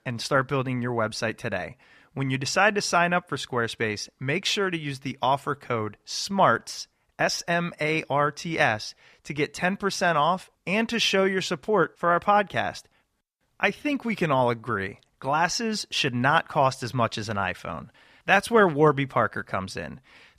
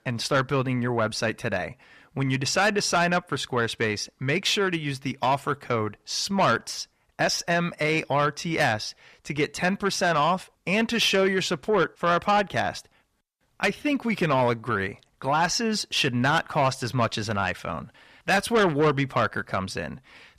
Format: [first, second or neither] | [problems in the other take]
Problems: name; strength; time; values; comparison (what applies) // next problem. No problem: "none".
first | distortion; slight; 10 dB below the speech